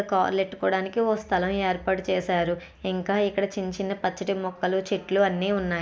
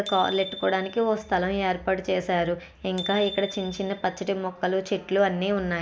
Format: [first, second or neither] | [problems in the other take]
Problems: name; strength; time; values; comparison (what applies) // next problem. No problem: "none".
first | background sound (Bicycle bell); 15 dB below the speech